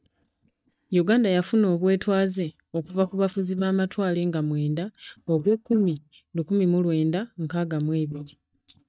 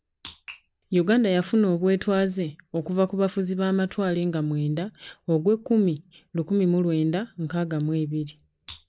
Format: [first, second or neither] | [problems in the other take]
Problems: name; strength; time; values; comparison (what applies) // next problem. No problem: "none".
second | noise reduction (neural mask model DeepFilterNet 3)